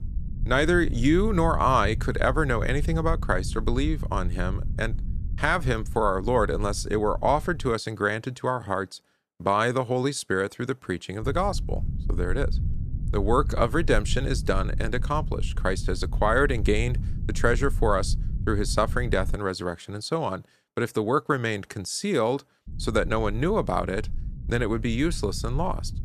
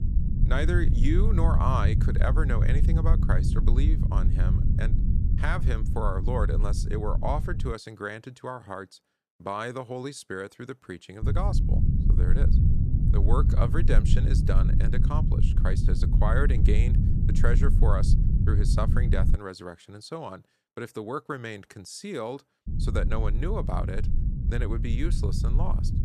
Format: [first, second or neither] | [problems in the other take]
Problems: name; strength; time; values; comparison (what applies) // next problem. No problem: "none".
first | low rumble; loud; until 7.5 s, from 11 to 19 s and from 23 s on; 6 dB below the speech; faint in the first